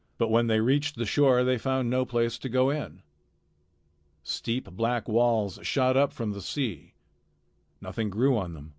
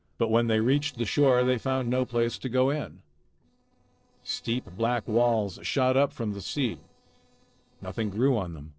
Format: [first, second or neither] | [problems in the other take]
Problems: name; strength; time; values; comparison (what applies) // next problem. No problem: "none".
first | noise reduction (neural separator model SepFormer DNS4)